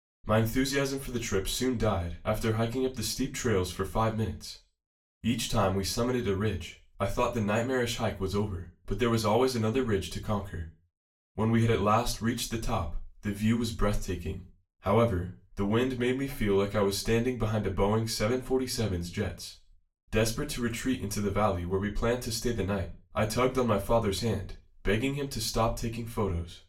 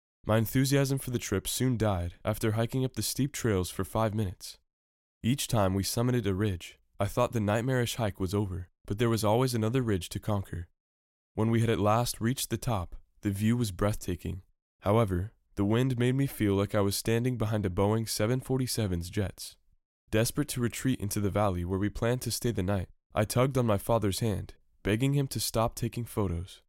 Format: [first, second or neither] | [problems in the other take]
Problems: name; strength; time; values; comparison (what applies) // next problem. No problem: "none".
second | room echo; very slight; dies away in 0.3 s // off-mic speech; far